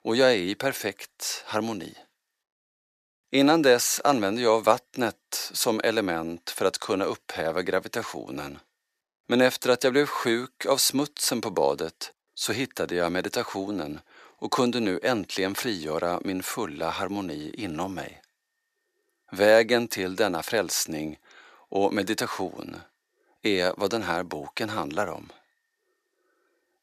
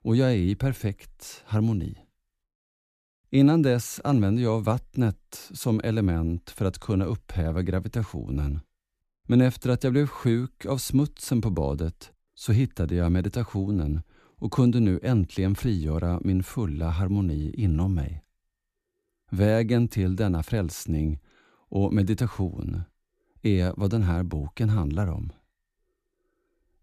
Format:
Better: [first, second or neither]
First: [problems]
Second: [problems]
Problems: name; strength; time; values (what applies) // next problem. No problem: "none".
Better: second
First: thin; very; fading below 600 Hz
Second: none